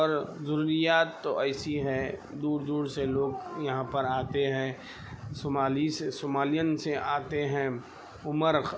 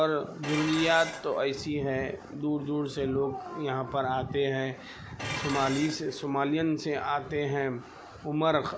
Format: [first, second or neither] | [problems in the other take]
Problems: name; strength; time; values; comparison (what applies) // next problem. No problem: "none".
first | background sound (Dishes, pots, and pans); 12 dB below the speech